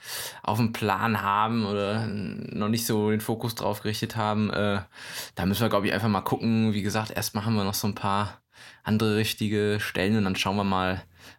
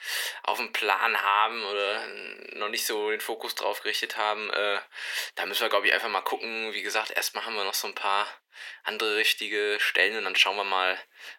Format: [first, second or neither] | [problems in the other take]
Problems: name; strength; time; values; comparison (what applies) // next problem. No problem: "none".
first | thin; very; fading below 400 Hz